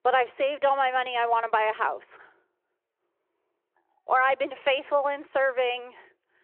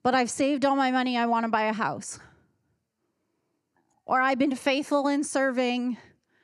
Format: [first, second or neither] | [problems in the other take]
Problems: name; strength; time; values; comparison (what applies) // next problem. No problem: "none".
second | phone-call audio